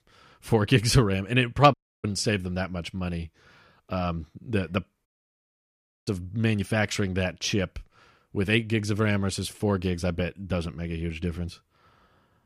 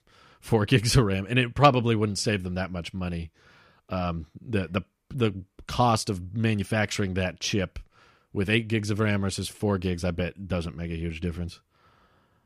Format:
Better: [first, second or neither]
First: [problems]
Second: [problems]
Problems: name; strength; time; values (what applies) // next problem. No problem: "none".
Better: second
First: audio cutting out; at 1.5 s and at 5 s for 1 s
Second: none